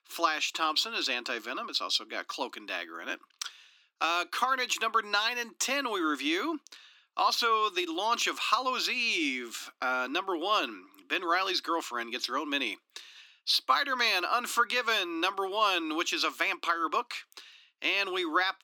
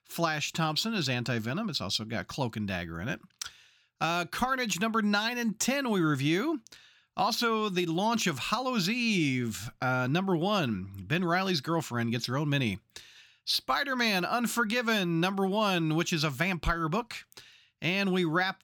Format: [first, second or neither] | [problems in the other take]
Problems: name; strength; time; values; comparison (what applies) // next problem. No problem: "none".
second | thin; very; fading below 250 Hz